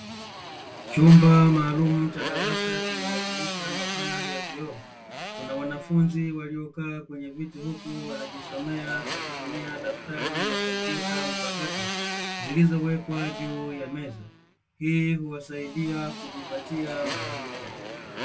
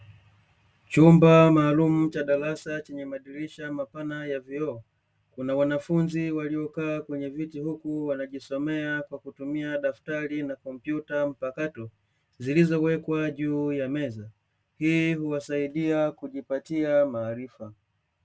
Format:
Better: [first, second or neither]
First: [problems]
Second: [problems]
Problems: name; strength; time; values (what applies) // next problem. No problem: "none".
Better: second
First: background sound (Motorcycle); 7 dB below the speech // room echo; dies away in 0.1 s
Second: none